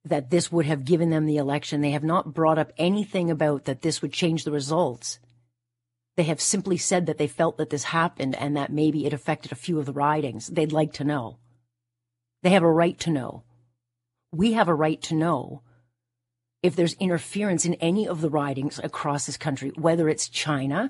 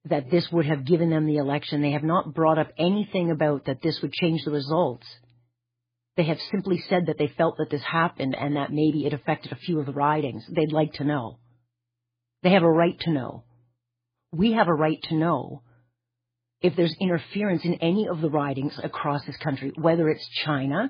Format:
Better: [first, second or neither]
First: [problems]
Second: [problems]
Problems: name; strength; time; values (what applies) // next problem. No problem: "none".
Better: first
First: garbled, watery; slightly; nothing above 11 kHz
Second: garbled, watery; badly; nothing above 4.5 kHz